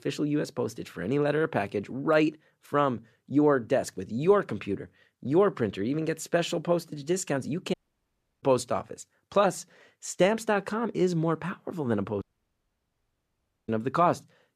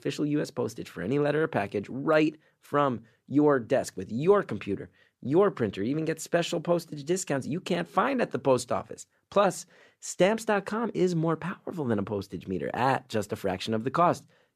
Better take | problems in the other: second | audio cutting out; at 7.5 s for 0.5 s and at 12 s for 1.5 s

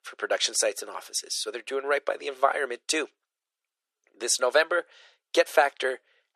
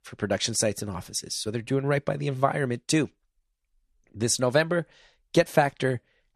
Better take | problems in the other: second | thin; very; fading below 400 Hz

